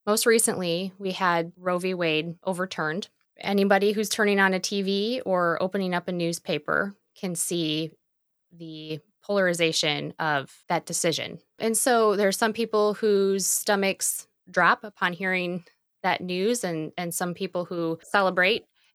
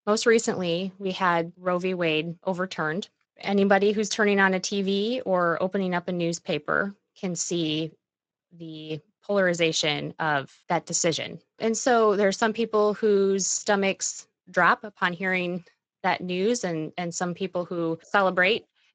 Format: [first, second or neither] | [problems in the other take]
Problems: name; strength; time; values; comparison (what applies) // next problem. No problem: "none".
first | garbled, watery; slightly; nothing above 7.5 kHz